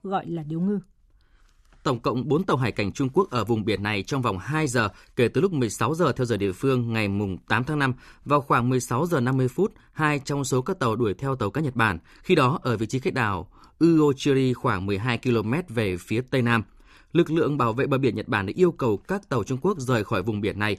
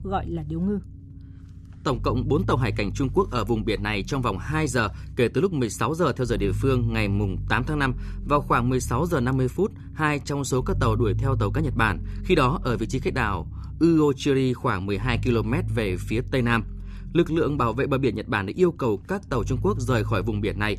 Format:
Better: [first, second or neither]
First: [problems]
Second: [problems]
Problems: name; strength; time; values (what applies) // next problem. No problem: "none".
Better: first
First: none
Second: low rumble; faint; throughout; 20 dB below the speech